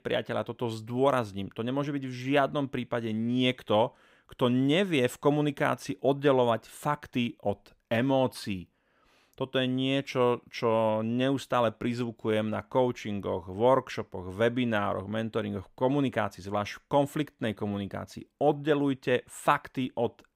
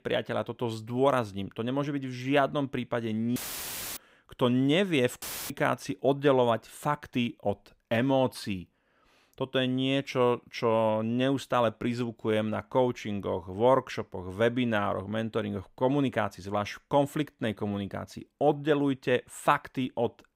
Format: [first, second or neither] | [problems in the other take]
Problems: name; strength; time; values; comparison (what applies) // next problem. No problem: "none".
first | audio cutting out; filled with static; at 3.5 s for 0.5 s and at 5 s